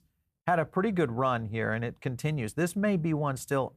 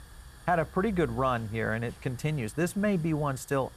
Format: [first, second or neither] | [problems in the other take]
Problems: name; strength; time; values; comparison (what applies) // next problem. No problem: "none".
first | hiss; noticeable; throughout; 20 dB below the speech